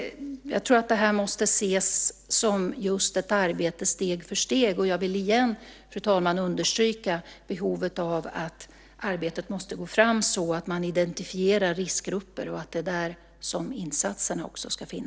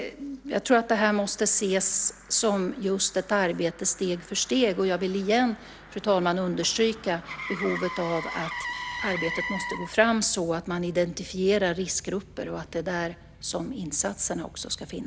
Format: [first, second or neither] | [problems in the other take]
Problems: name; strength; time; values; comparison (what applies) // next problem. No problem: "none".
first | background sound (Motor vehicle (road)); 14 dB below the speech